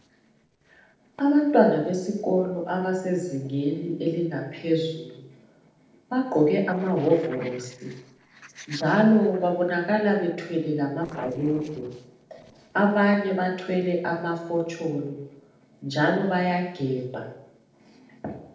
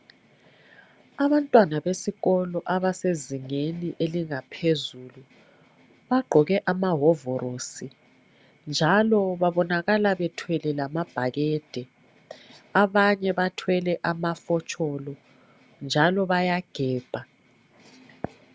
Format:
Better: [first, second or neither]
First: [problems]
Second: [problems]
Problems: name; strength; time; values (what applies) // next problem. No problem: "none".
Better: second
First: noise reduction (neural separator model SepFormer DNS4)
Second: none